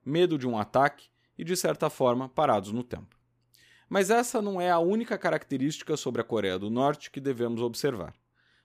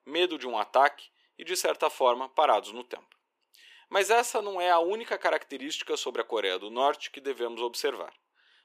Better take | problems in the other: first | thin; very; fading below 400 Hz

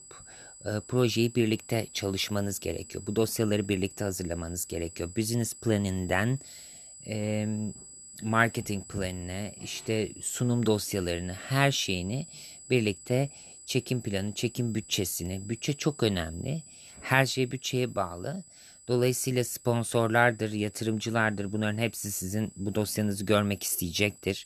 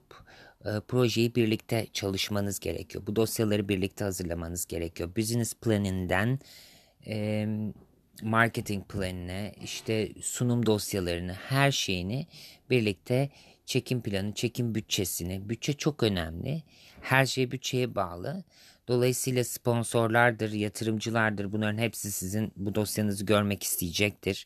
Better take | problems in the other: second | high-pitched whine; noticeable; throughout; 8 kHz, 15 dB below the speech

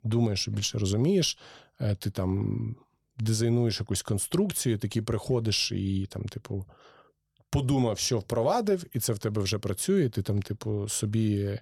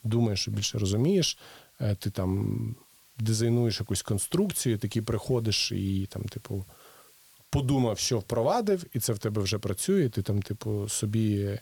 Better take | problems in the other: first | hiss; faint; throughout; 25 dB below the speech

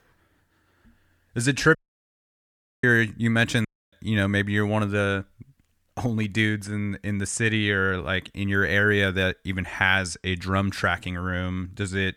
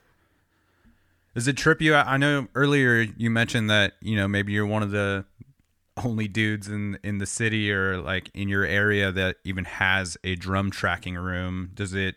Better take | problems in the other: second | audio cutting out; at 2 s for 1 s and at 3.5 s

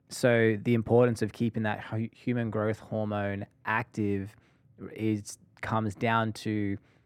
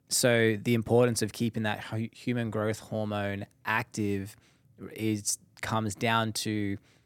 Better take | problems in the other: second | muffled; slightly; fading above 3 kHz

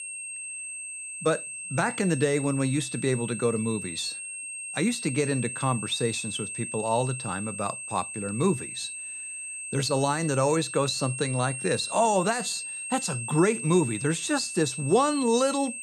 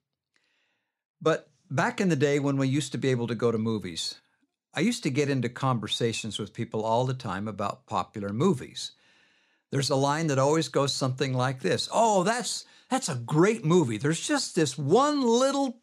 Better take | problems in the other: second | high-pitched whine; loud; throughout; 8.5 kHz, 7 dB below the speech

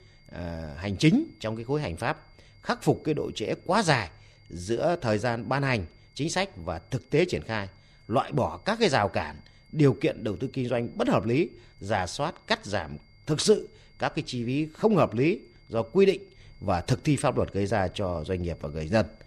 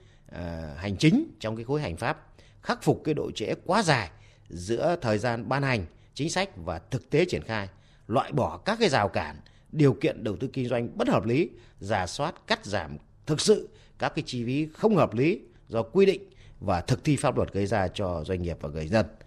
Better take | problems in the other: second | high-pitched whine; faint; throughout; 2 kHz, 35 dB below the speech

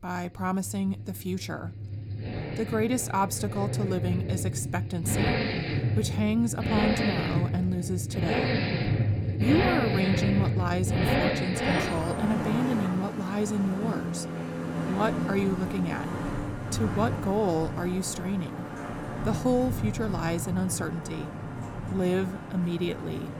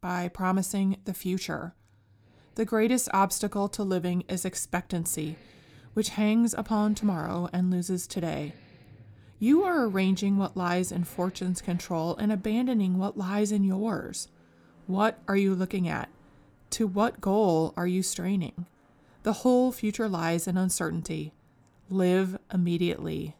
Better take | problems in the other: second | traffic noise; loud; throughout; as loud as the speech; faint in the second

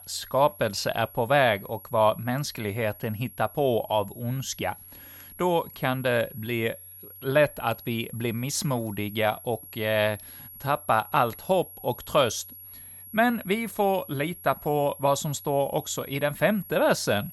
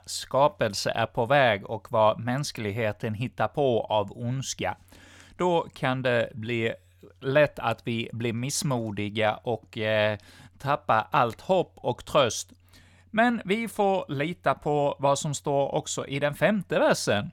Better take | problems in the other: second | high-pitched whine; noticeable; throughout; 11.5 kHz, 15 dB below the speech

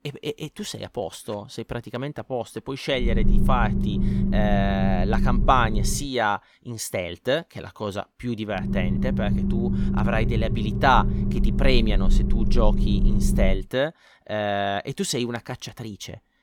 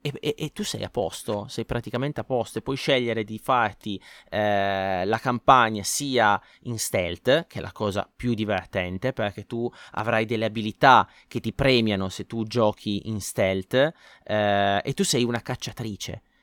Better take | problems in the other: second | low rumble; loud; from 3 to 6 s and from 8.5 to 14 s; 8 dB below the speech

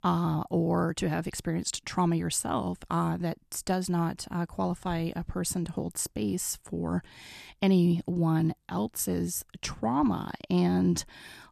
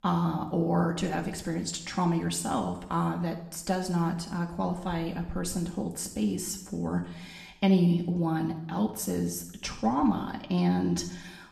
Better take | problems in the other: first | room echo; slight; dies away in 0.8 s // off-mic speech; somewhat distant

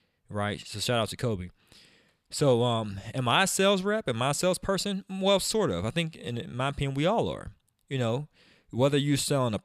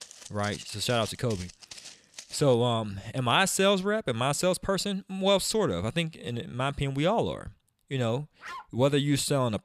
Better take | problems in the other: first | footsteps; faint; until 2.5 s; peak 15 dB below the speech // dog barking; faint; at 8.5 s; peak 15 dB below the speech

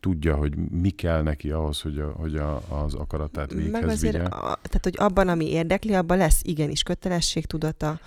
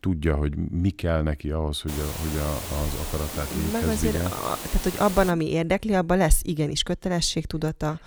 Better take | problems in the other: first | hiss; loud; from 2 to 5.5 s; 8 dB below the speech

